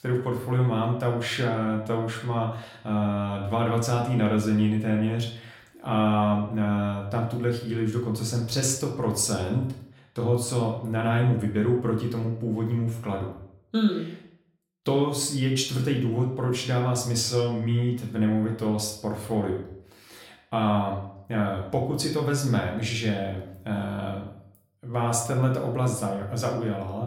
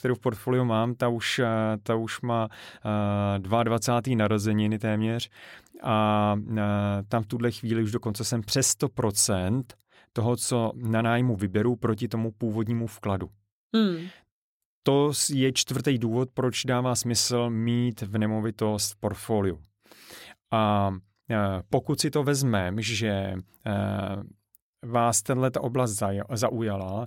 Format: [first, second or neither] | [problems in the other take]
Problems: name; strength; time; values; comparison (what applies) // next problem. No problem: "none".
second | room echo; slight; dies away in 0.5 s // off-mic speech; somewhat distant